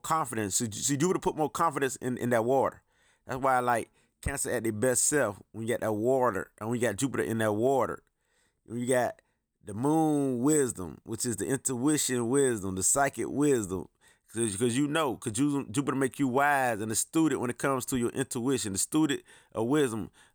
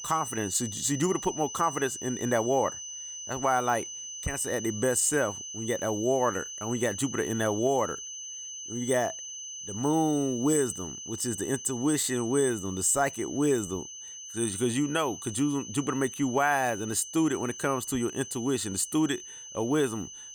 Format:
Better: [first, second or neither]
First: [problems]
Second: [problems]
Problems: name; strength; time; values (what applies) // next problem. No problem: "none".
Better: first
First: none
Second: high-pitched whine; loud; throughout; 6 kHz, 9 dB below the speech